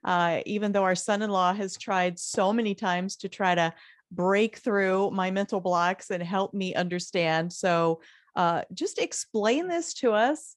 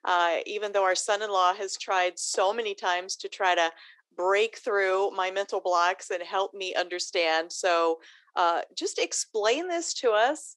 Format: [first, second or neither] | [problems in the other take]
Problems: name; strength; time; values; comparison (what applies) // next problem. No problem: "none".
first | thin; very; fading below 350 Hz